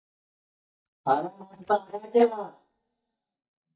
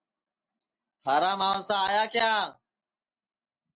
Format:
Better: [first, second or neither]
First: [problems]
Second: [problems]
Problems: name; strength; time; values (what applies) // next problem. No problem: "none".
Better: second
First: noise reduction (neural mask model DeepFilterNet 3)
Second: none